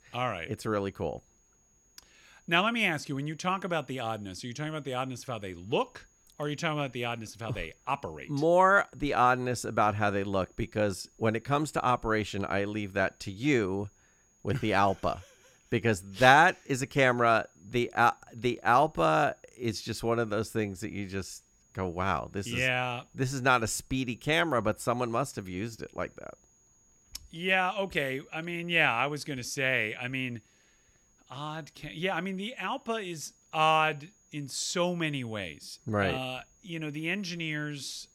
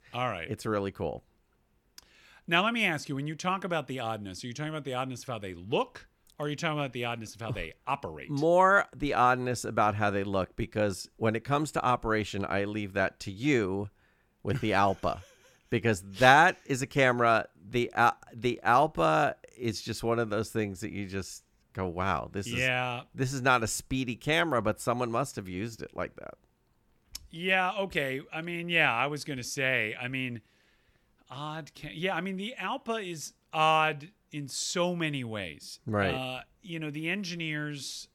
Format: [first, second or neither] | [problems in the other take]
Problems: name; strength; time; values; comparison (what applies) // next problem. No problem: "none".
second | high-pitched whine; faint; throughout; 6.5 kHz, 35 dB below the speech